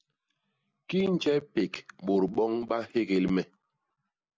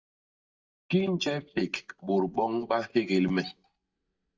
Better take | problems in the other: first | noise reduction (neural mask model DeepFilterNet 3)

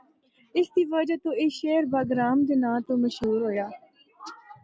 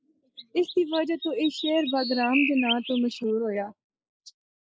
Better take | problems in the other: first | noise reduction (neural mask model Resemble Enhance denoiser)

